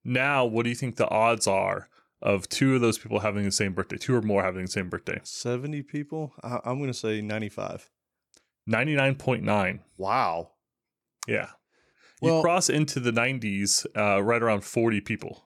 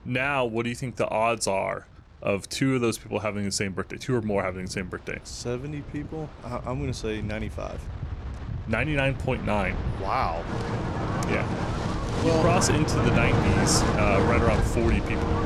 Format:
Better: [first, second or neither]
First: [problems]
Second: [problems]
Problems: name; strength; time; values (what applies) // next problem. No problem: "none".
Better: first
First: none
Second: wind in the background; loud; throughout; as loud as the speech